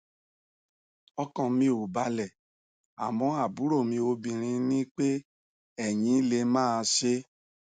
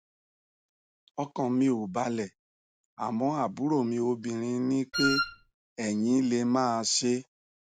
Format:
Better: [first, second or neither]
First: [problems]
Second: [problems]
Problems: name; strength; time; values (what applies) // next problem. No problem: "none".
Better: first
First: none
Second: background sound (Wind instrument, woodwind instrument); as loud as the speech